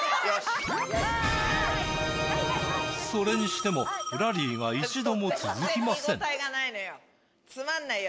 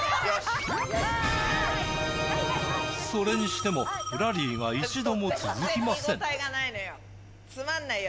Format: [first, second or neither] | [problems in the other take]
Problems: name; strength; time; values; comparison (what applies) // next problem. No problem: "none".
first | background sound (Engine + Tap); 16 dB below the speech